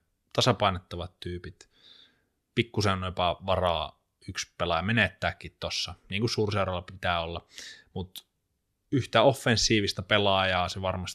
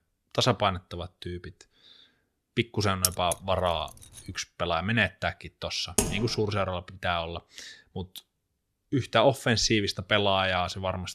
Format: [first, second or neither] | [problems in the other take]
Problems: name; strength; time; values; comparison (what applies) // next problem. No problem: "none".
first | jangling keys; loud; at 3 s; peak level with the speech // keyboard typing; noticeable; at 6 s; peak level with the speech